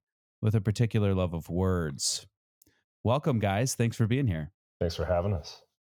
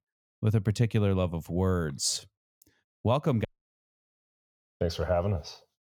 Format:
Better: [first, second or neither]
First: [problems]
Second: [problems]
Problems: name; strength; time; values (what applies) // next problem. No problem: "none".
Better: first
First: none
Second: audio cutting out; at 3.5 s for 1 s